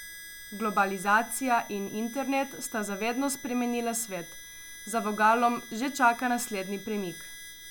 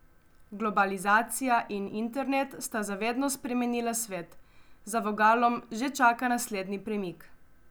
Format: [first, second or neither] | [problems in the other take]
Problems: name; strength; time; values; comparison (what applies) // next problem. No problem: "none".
second | background sound (Harmonica); 16 dB below the speech